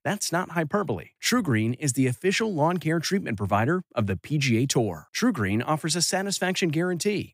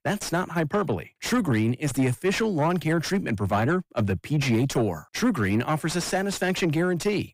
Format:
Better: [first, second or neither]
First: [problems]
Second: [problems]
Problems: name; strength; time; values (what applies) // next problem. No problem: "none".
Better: first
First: none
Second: distortion; slight; 9 dB below the speech